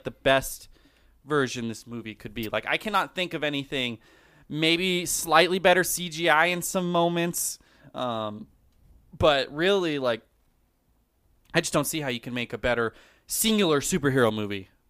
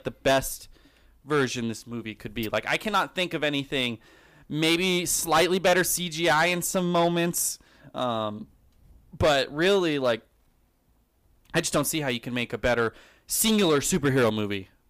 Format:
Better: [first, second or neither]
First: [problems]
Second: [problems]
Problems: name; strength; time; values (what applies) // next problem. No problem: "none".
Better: first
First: none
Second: distortion; slight; 4% of the sound clipped